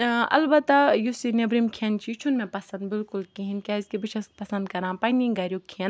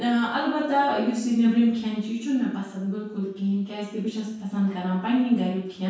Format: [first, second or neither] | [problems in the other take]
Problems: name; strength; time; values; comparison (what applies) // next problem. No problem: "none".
first | room echo; dies away in 0.6 s